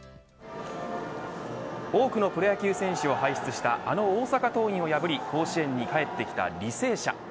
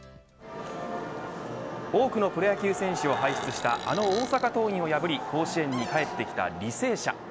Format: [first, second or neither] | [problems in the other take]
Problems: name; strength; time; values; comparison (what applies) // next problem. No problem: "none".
first | background sound (Cupboard open or close + Burping, eructation); 14 dB below the speech